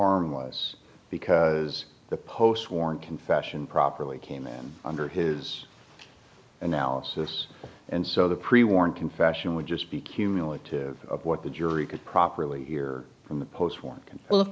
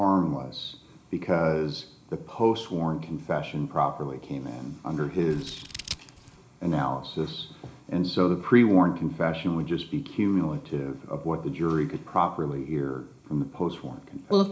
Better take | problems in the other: first | background sound (Scissors); 14 dB below the speech // room echo; dies away in 0.4 s

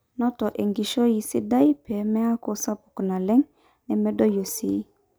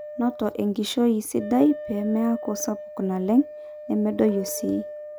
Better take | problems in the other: first | background sound (Wind instrument, woodwind instrument); 13 dB below the speech

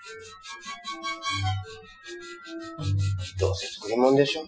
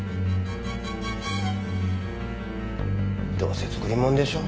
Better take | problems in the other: second | noise reduction (classical method Wiener filter)

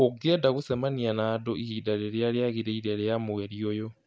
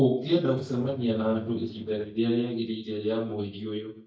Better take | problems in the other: first | noise reduction (neural mask model DeepFilterNet 3)

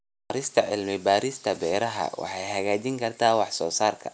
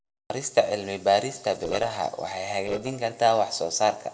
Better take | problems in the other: first | noise reduction (neural separator model SepFormer DNS4)

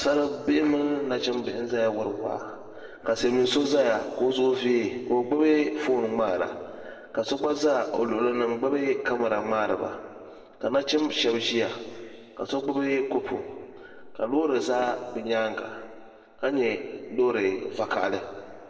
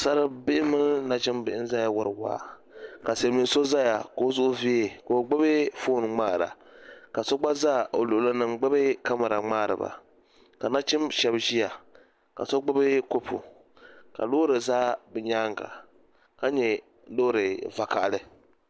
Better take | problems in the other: second | room echo; dies away in 1.9 s

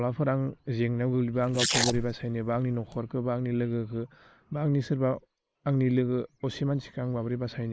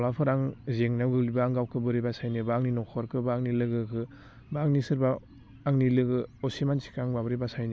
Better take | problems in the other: second | noise reduction (neural mask model Resemble Enhance denoiser)

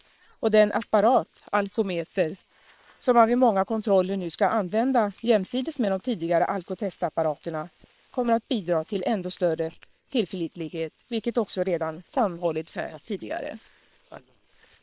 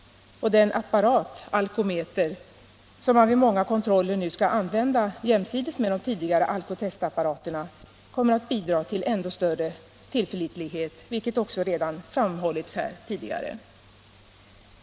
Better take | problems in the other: second | noise reduction (neural separator model SepFormer WHAM!)

